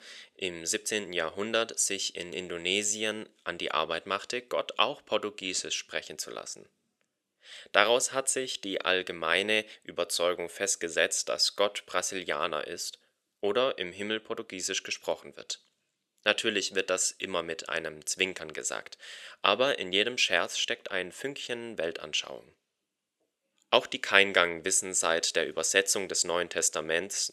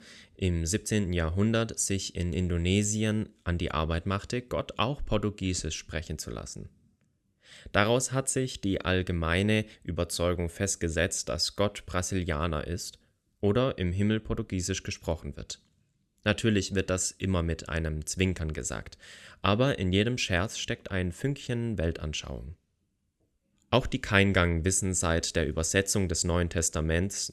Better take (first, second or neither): second